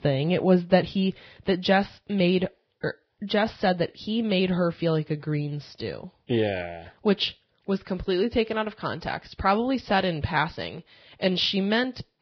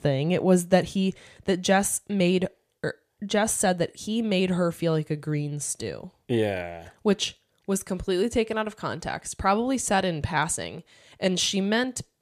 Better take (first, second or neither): second